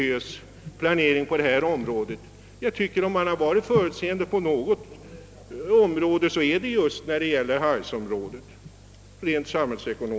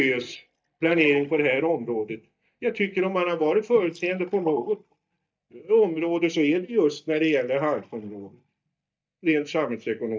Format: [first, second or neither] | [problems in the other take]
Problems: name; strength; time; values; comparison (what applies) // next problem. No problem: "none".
first | noise reduction (neural mask model DeepFilterNet 3)